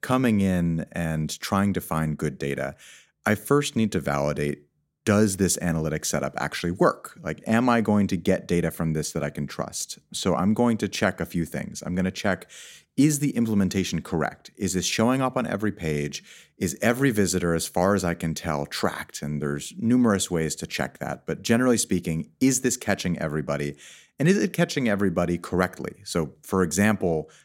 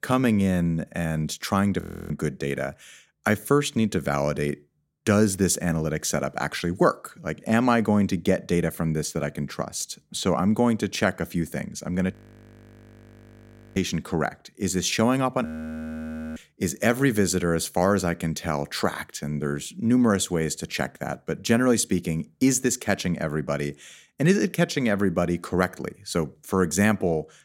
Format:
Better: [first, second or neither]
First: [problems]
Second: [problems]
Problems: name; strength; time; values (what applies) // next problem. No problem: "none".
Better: first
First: none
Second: audio freezing; at 2 s, at 12 s for 1.5 s and at 15 s for 1 s